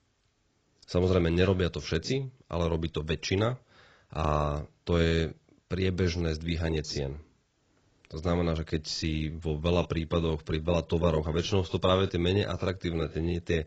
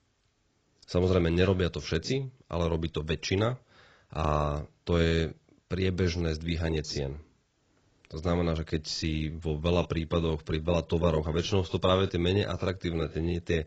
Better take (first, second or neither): neither